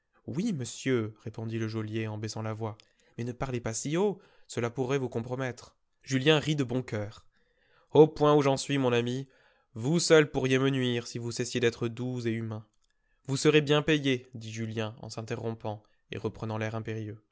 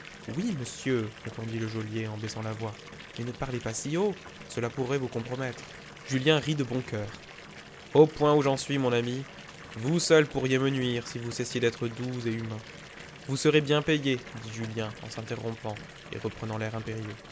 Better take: first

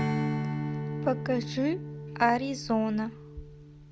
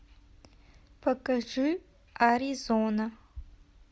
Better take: second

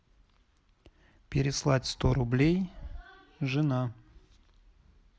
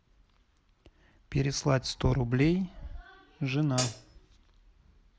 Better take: first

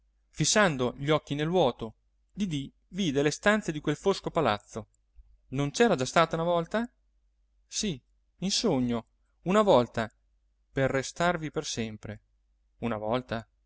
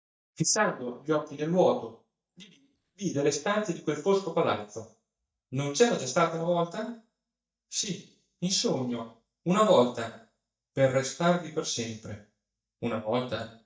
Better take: first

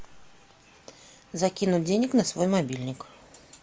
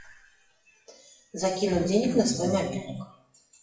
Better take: first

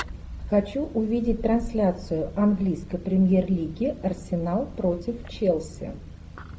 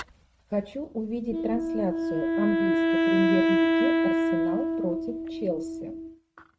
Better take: first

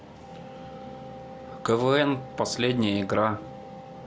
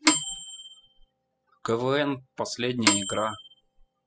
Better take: first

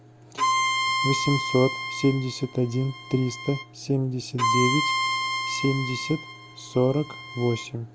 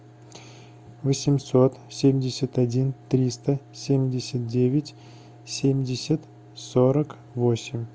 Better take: second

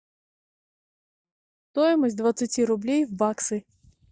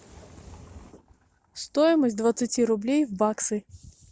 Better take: second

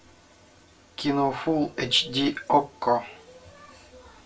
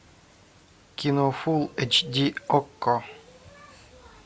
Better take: second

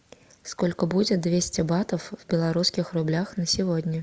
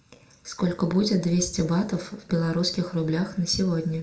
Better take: first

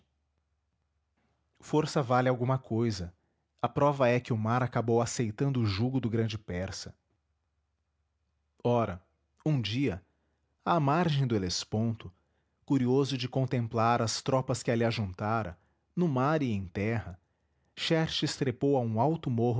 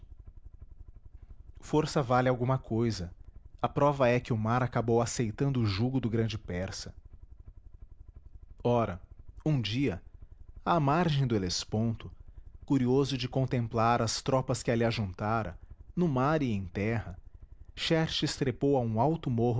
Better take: first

